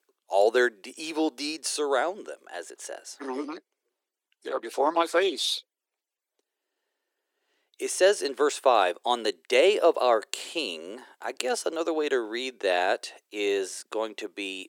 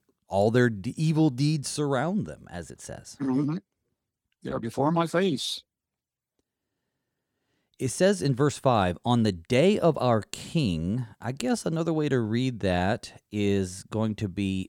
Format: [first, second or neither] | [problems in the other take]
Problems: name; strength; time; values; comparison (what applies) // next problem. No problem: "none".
second | thin; very; fading below 350 Hz